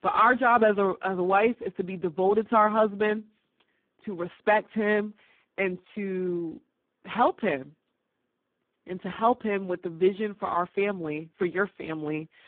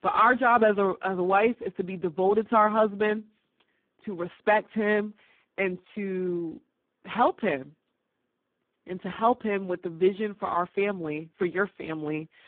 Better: neither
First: phone-call audio; poor line; nothing above 3.5 kHz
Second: phone-call audio; poor line; nothing above 3.5 kHz

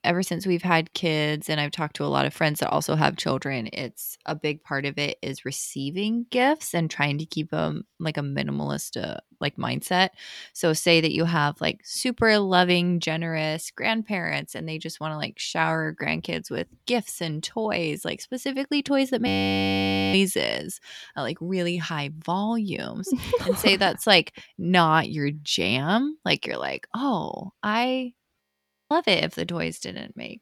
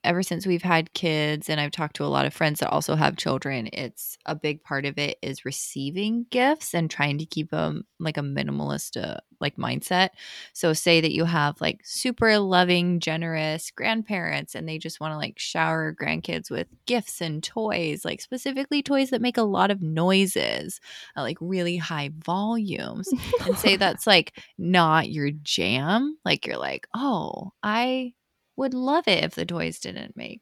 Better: second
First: audio freezing; at 19 s for 1 s and at 28 s for 0.5 s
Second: none

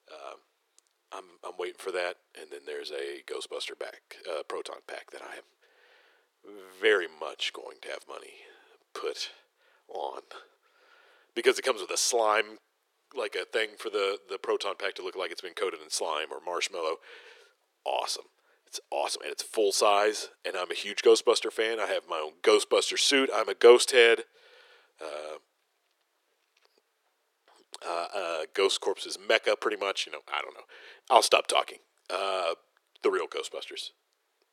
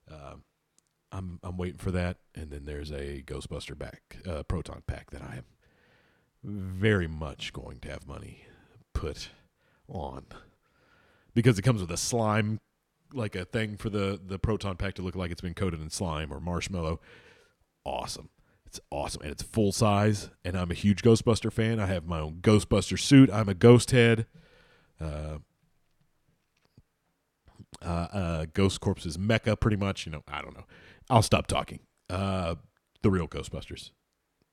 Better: second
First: thin; very; fading below 400 Hz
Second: none

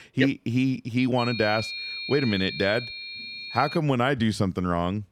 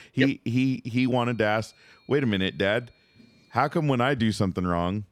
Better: second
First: high-pitched whine; loud; from 1 to 4 s; 2.5 kHz, 8 dB below the speech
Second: high-pitched whine; faint; from 1 to 4 s; 2.5 kHz, 35 dB below the speech

